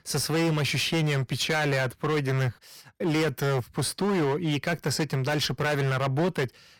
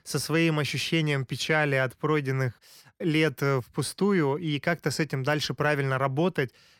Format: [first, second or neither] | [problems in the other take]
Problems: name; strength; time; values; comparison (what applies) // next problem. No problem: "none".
second | distortion; heavy; 18% of the sound clipped